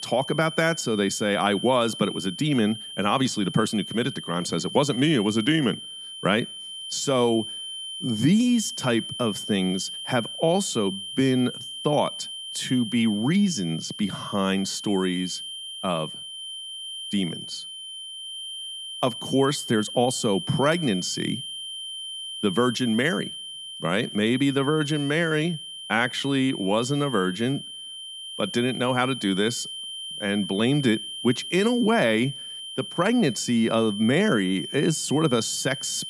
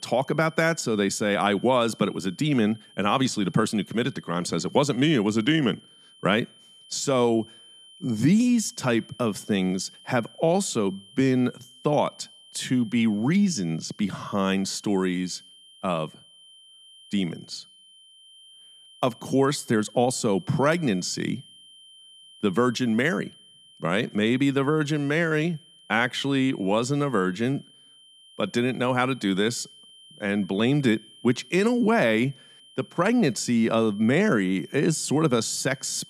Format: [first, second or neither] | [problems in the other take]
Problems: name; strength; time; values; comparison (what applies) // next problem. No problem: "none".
second | high-pitched whine; loud; throughout; 3 kHz, 9 dB below the speech; faint in the second